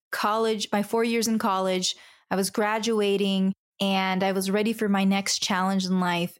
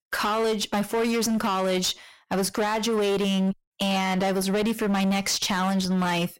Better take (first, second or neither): first